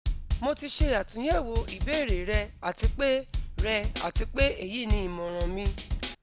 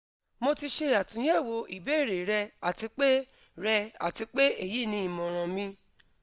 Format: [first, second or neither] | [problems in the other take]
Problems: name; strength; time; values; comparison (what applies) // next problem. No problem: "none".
second | background sound (Drum kit); 1 dB above the speech